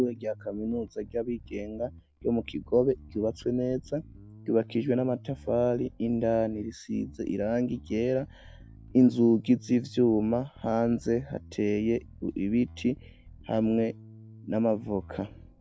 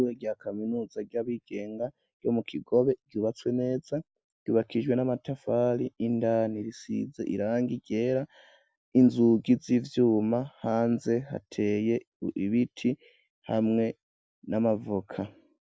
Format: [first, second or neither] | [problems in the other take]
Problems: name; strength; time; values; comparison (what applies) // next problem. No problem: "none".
second | background sound (Bass guitar); 20 dB below the speech